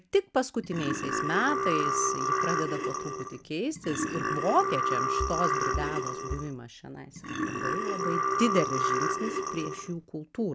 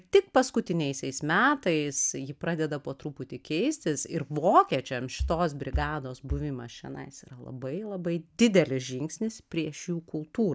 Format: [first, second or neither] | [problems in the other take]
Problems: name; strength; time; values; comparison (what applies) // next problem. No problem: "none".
second | background sound (Burping, eructation); 2 dB above the speech